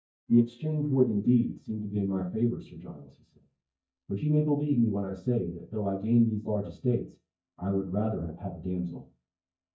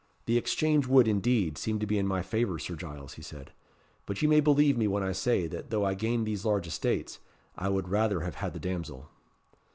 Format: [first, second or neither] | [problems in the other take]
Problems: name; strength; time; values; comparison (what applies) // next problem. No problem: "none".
second | noise reduction (neural mask model DeepFilterNet 3)